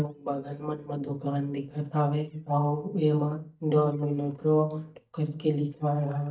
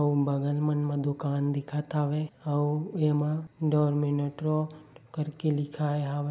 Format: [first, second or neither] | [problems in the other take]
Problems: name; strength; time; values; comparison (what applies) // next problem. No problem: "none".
second | noise reduction (neural mask model DeepFilterNet 3)